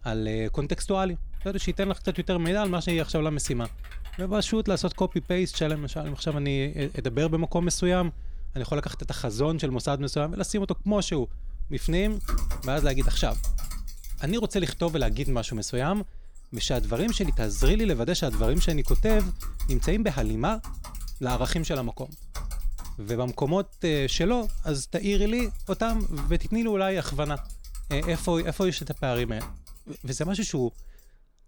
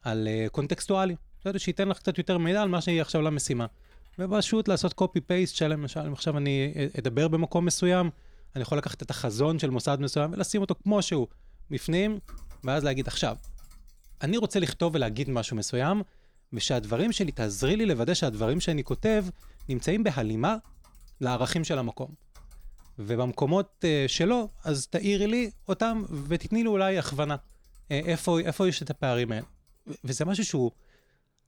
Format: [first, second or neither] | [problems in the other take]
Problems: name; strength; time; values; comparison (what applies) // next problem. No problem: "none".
second | household noises; loud; throughout; 9 dB below the speech; faint in the second